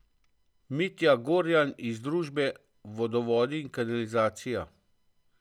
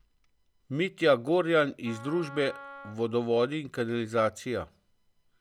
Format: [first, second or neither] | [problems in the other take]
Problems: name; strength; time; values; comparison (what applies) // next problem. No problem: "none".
first | background sound (Wind instrument, woodwind instrument); 18 dB below the speech